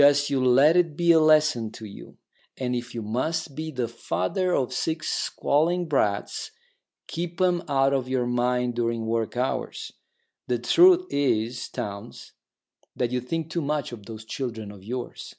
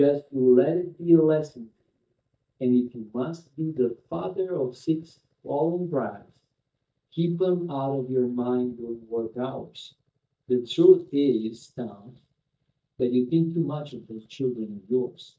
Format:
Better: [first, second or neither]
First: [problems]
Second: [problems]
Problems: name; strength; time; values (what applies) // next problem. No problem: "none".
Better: first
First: none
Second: noise reduction (neural mask model DeepFilterNet 3)